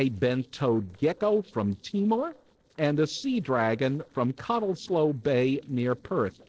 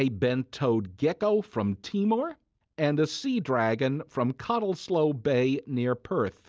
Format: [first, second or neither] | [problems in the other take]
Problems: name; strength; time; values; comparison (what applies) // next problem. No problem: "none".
second | noise reduction (neural separator model SepFormer DNS4)